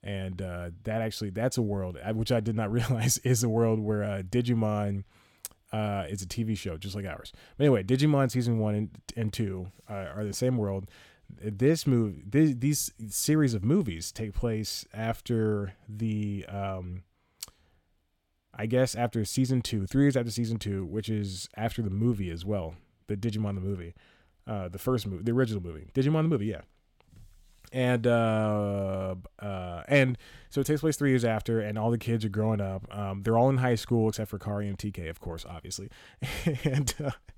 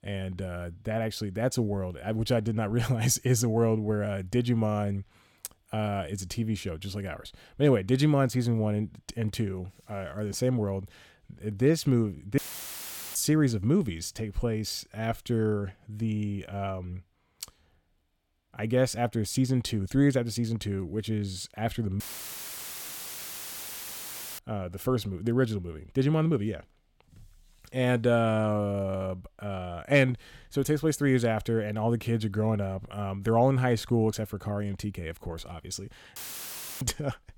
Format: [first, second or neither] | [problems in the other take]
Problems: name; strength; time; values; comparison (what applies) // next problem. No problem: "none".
first | audio cutting out; filled with static; at 12 s for 1 s, at 22 s for 2.5 s and at 36 s for 0.5 s